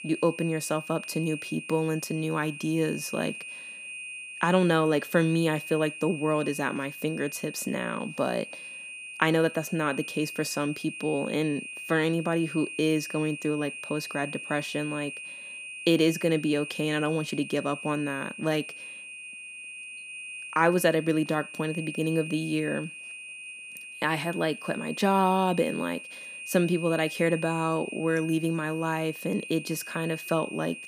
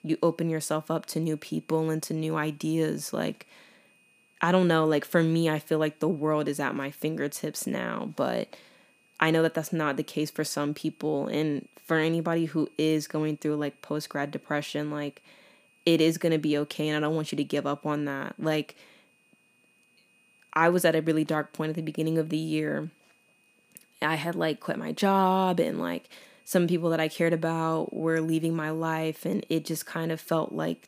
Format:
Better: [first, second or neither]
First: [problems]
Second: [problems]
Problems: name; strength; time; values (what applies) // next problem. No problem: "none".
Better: second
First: high-pitched whine; loud; throughout; 2.5 kHz, 10 dB below the speech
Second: high-pitched whine; faint; throughout; 2.5 kHz, 35 dB below the speech